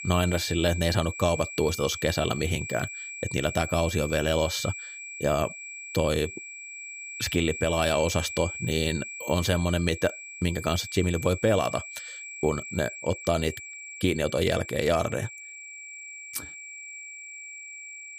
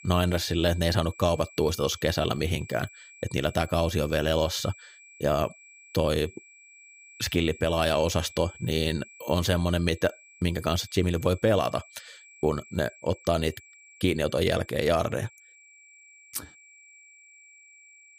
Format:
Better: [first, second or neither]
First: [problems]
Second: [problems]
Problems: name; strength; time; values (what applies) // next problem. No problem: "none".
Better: second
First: high-pitched whine; loud; throughout; 2.5 kHz, 10 dB below the speech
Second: high-pitched whine; faint; throughout; 2.5 kHz, 20 dB below the speech